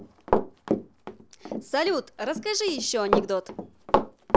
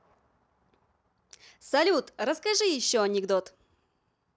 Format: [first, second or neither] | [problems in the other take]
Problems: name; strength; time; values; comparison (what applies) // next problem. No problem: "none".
second | background sound (Run); 2 dB above the speech